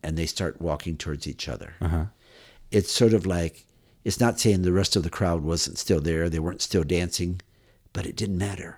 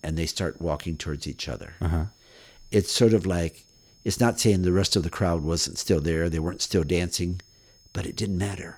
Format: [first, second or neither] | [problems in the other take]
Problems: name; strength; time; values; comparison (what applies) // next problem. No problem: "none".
first | high-pitched whine; faint; throughout; 5.5 kHz, 30 dB below the speech